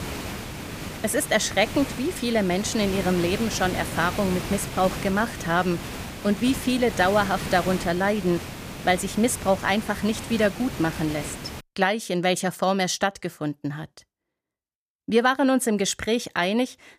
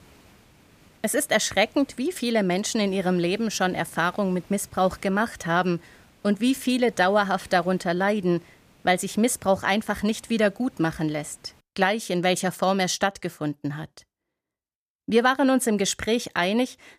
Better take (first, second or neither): second